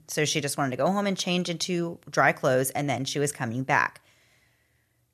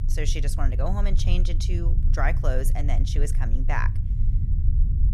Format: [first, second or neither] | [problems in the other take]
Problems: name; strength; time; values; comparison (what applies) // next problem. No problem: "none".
first | low rumble; noticeable; throughout; 10 dB below the speech